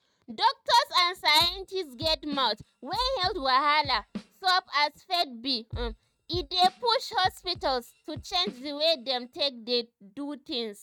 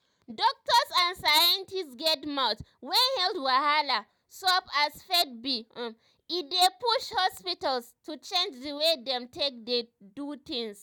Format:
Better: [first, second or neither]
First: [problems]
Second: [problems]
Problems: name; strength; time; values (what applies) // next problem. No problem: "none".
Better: second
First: noise reduction (neural mask model RNNoise)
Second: none